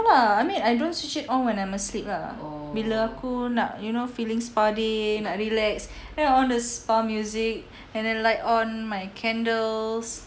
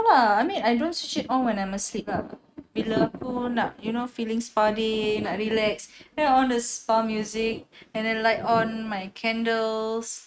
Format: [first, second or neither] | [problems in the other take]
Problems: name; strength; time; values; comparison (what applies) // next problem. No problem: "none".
first | noise reduction (neural mask model RNNoise)